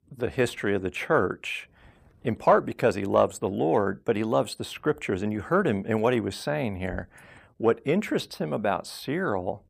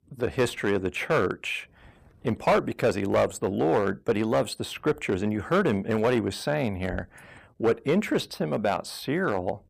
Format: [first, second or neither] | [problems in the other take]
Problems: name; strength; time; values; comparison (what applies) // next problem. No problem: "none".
first | distortion; slight; 4% of the sound clipped